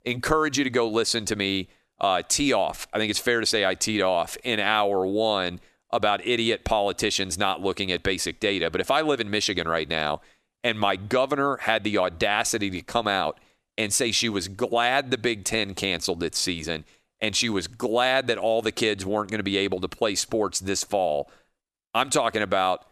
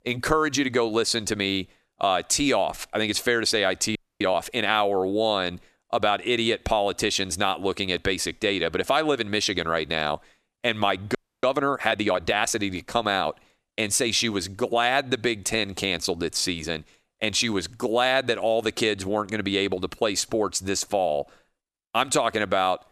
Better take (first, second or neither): first